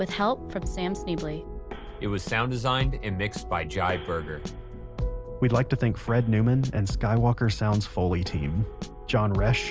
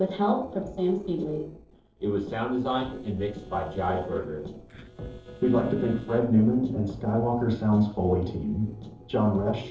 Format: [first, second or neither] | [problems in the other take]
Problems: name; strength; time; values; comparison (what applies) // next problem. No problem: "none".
first | noise reduction (neural separator model SepFormer DNS4)